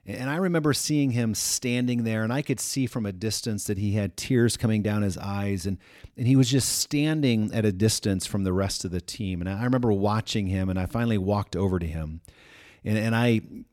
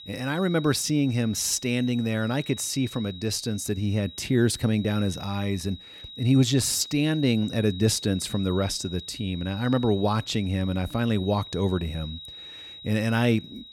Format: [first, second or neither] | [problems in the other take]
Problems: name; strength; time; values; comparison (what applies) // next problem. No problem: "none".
first | high-pitched whine; noticeable; throughout; 4 kHz, 15 dB below the speech